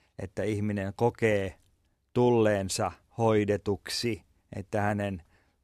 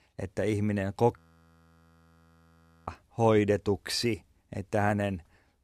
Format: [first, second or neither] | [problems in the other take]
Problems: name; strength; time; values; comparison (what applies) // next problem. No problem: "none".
first | audio freezing; at 1 s for 1.5 s